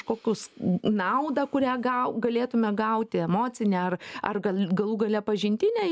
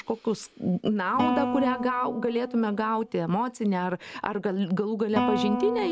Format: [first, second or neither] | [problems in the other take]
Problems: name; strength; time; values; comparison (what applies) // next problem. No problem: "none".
first | background sound (Guitar); 6 dB below the speech